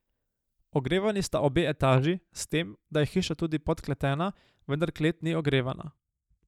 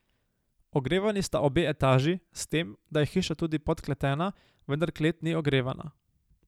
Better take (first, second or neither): second